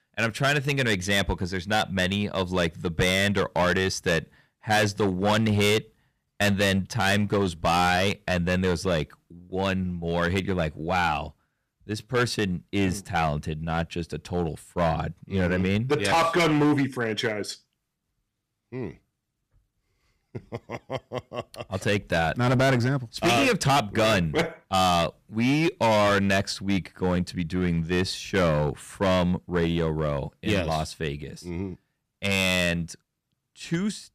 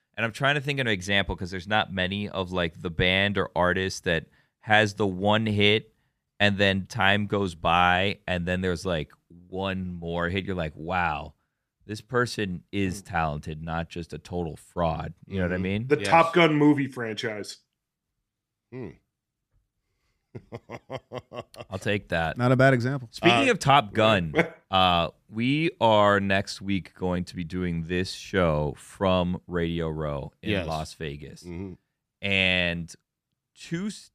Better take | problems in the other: second | distortion; heavy; 8% of the sound clipped

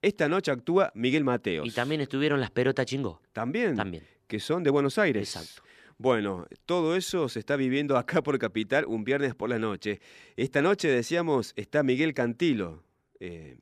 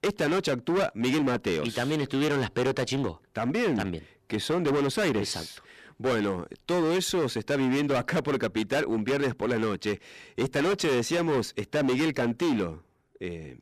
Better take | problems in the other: first | distortion; heavy; 19% of the sound clipped

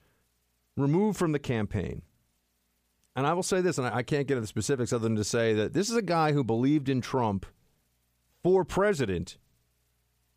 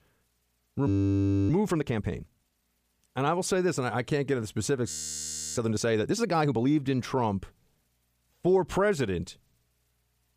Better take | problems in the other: first | audio freezing; at 1 s for 0.5 s and at 5 s for 0.5 s

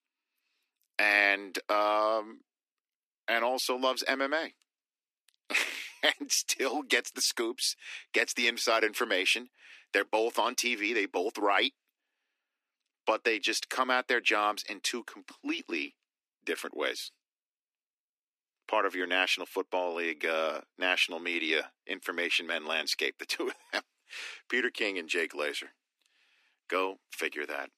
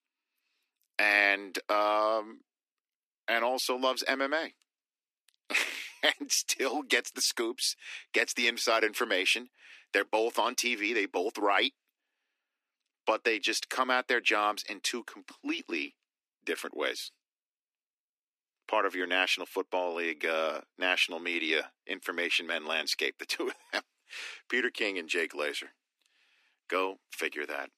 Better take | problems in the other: neither | thin; somewhat; fading below 250 Hz; the same in both

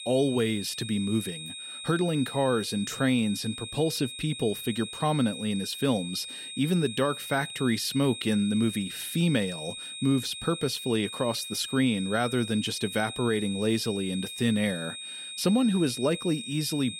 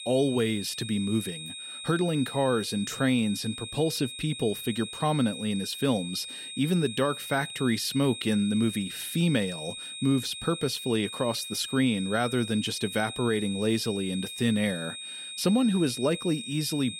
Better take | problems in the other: neither | high-pitched whine; loud; throughout; 3.5 kHz, 9 dB below the speech; the same in both

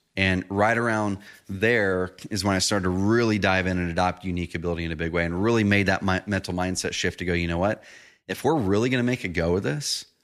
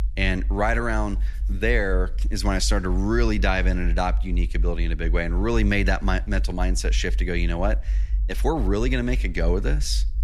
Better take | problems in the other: first | low rumble; faint; throughout; 25 dB below the speech

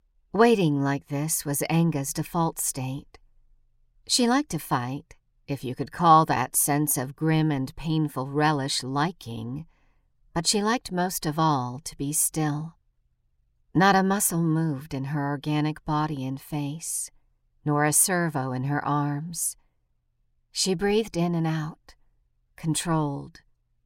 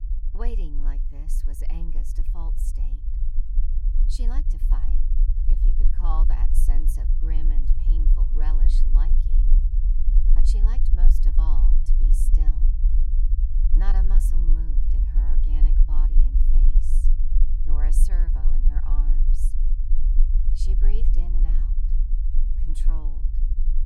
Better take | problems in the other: first | low rumble; loud; throughout; 4 dB below the speech

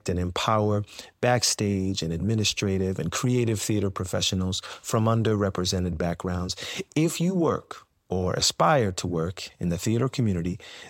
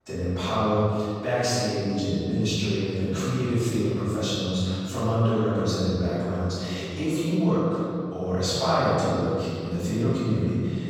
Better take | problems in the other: first | off-mic speech; far // room echo; strong; dies away in 2.1 s

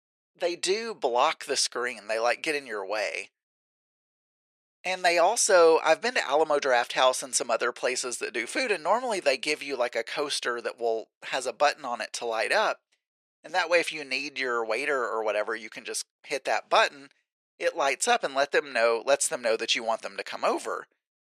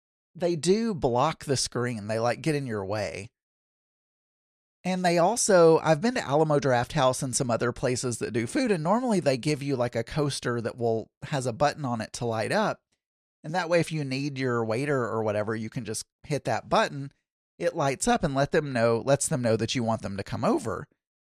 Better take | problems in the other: second | thin; very; fading below 400 Hz

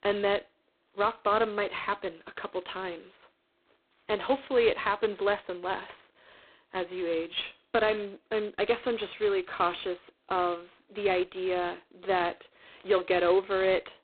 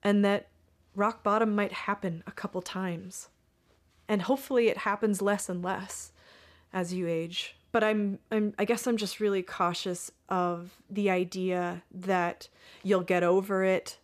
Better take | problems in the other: second | phone-call audio; poor line; nothing above 4 kHz

